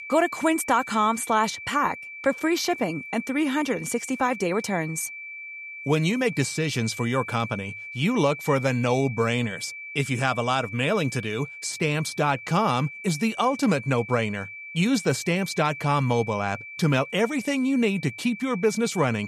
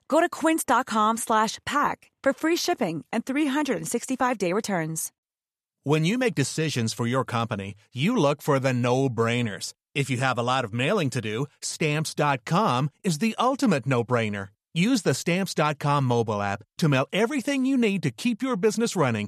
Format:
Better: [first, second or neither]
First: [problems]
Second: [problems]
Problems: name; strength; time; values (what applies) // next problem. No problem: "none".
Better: second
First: high-pitched whine; noticeable; throughout; 2.5 kHz, 10 dB below the speech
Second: none